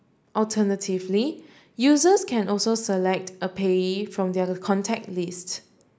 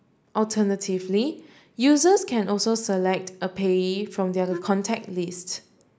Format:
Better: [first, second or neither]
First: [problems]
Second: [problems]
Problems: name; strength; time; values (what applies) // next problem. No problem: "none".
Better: first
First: none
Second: background sound (Wind instrument, woodwind instrument); 14 dB below the speech